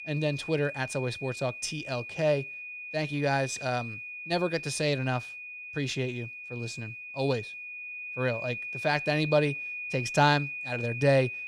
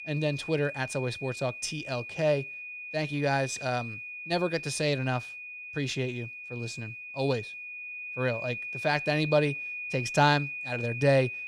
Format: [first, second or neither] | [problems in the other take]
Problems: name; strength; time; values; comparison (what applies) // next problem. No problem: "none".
neither | high-pitched whine; loud; throughout; 2.5 kHz, 7 dB below the speech; the same in both